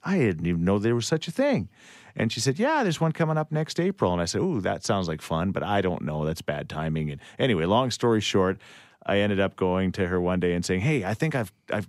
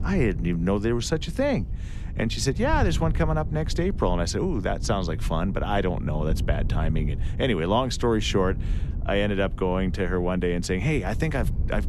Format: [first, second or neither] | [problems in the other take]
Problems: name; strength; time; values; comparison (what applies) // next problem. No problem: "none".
first | wind noise on the microphone; occasional gusts; 20 dB below the speech